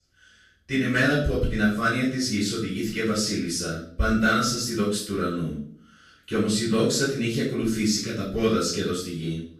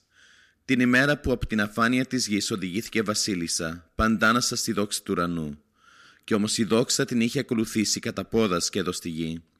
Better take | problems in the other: second | room echo; noticeable; dies away in 0.5 s // off-mic speech; far

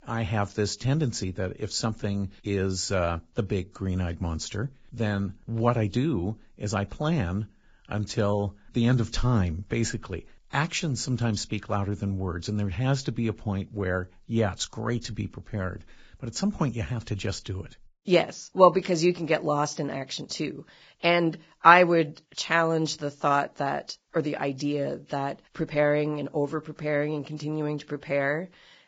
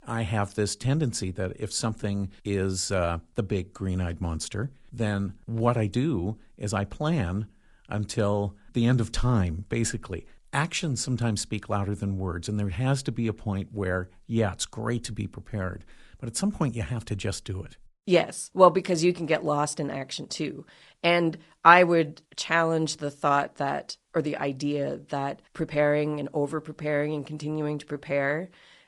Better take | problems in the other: second | garbled, watery; badly; nothing above 7.5 kHz; slightly in the second

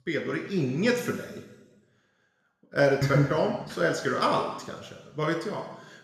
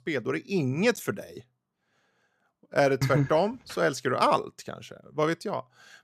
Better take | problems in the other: second | room echo; noticeable; dies away in 1.1 s // off-mic speech; somewhat distant

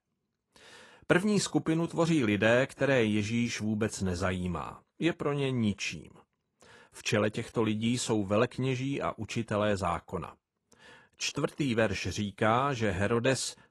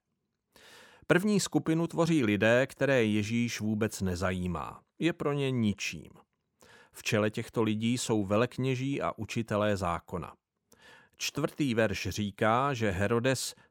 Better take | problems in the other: second | garbled, watery; slightly

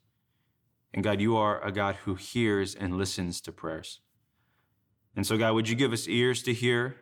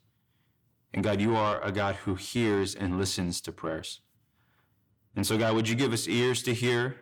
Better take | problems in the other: first | distortion; slight; 10 dB below the speech

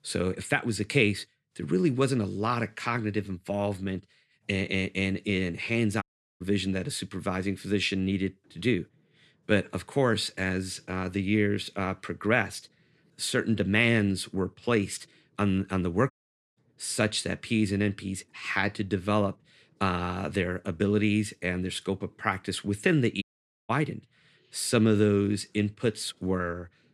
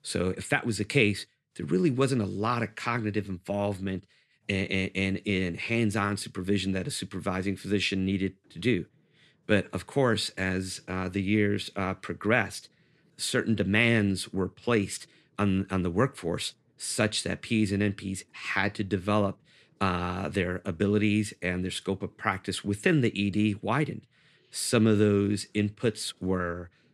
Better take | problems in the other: second | audio cutting out; at 6 s, at 16 s and at 23 s

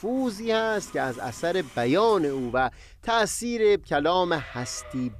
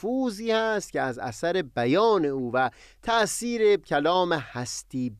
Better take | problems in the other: second | animal sounds; faint; throughout; 20 dB below the speech

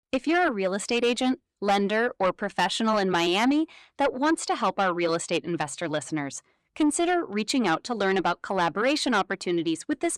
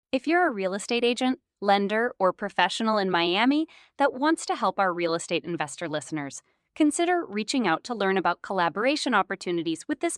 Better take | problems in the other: second | distortion; slight; 10 dB below the speech

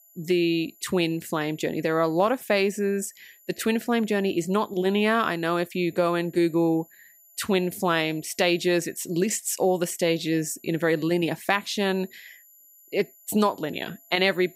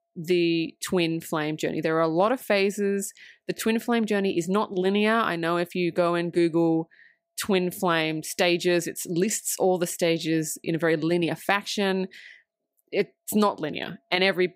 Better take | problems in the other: second | high-pitched whine; faint; throughout; 11.5 kHz, 25 dB below the speech

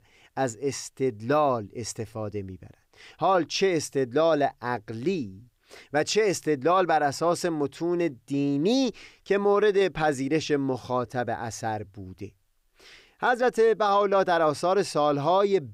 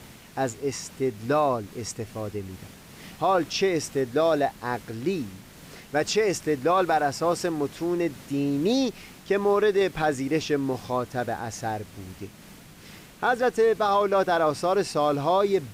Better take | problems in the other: first | hiss; faint; throughout; 20 dB below the speech

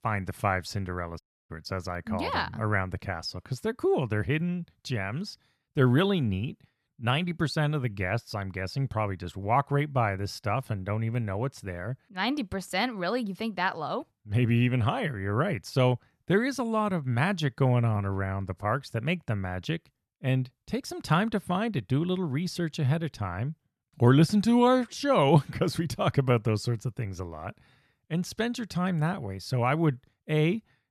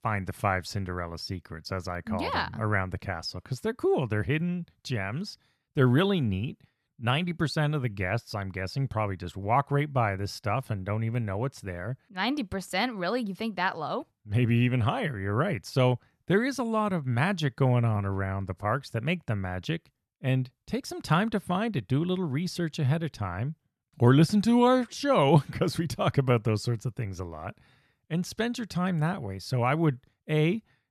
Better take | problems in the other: second | audio cutting out; at 1 s

